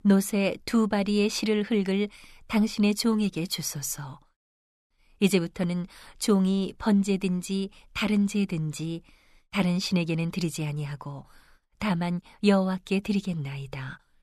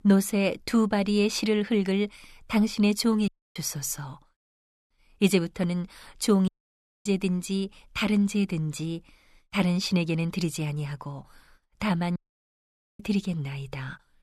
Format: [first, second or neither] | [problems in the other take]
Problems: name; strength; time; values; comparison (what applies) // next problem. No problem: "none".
first | audio cutting out; at 3.5 s, at 6.5 s for 0.5 s and at 12 s for 1 s